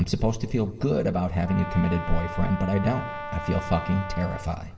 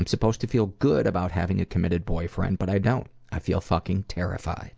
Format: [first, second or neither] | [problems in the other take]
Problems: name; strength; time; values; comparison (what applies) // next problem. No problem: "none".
second | background sound (Brass instrument); 12 dB below the speech // room echo; dies away in 2.6 s